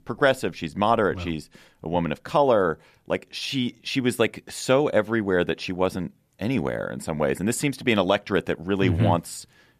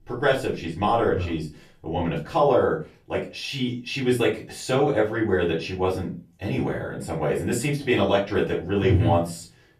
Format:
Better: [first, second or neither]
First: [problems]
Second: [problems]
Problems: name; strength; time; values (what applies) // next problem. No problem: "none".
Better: first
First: none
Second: off-mic speech; far // room echo; slight; dies away in 0.3 s